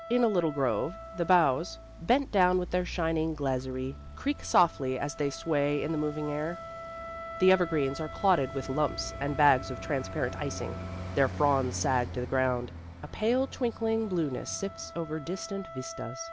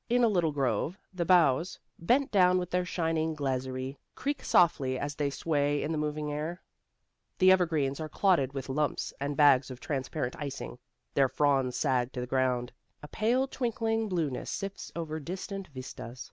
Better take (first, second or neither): second